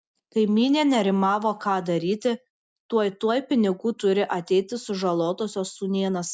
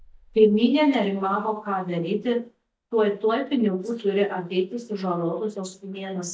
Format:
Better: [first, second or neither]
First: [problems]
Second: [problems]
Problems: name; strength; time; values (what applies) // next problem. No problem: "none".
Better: first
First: none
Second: noise reduction (neural mask model DeepFilterNet 3)